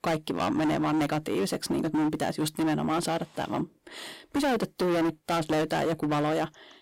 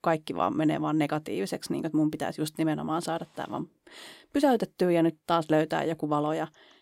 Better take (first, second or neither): second